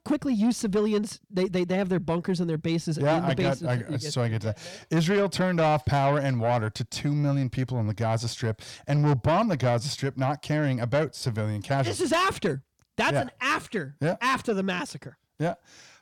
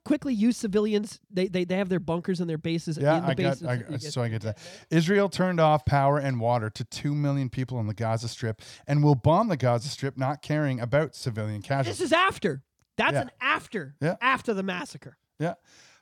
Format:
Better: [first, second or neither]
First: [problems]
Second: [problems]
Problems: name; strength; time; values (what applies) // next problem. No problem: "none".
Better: second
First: distortion; slight; 10 dB below the speech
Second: none